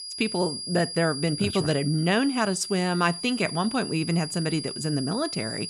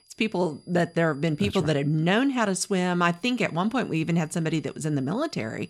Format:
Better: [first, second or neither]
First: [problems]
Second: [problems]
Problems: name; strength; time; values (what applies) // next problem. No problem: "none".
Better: second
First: high-pitched whine; loud; throughout; 5 kHz, 7 dB below the speech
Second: high-pitched whine; faint; throughout; 5 kHz, 35 dB below the speech